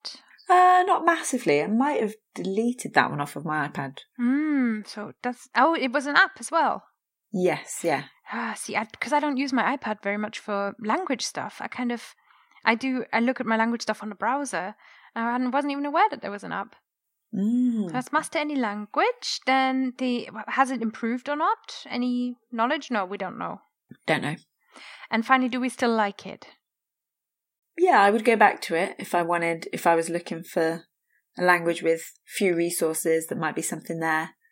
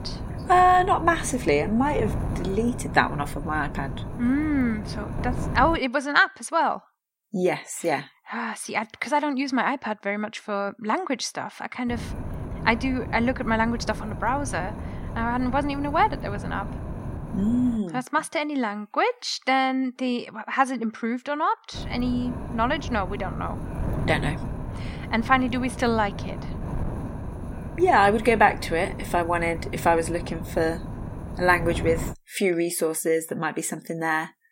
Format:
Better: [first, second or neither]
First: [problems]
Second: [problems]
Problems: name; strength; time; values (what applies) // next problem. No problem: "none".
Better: first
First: none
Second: wind noise on the microphone; occasional gusts; until 6 s, from 12 to 18 s and from 22 to 32 s; 15 dB below the speech